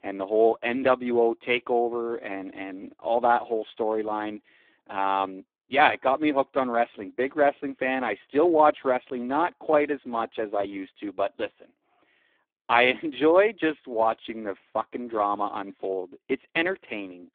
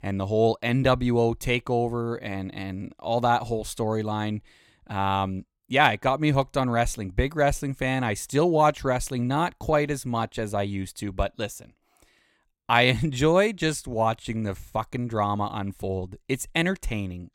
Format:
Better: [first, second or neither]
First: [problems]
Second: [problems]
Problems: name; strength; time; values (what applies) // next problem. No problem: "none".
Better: second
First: phone-call audio; poor line; nothing above 3.5 kHz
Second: none